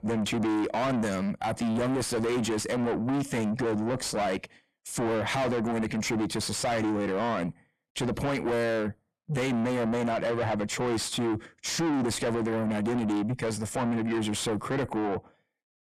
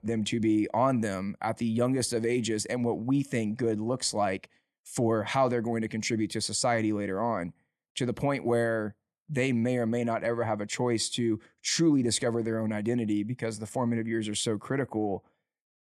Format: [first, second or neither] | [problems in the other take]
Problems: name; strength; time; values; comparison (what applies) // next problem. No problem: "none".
second | distortion; heavy; 6 dB below the speech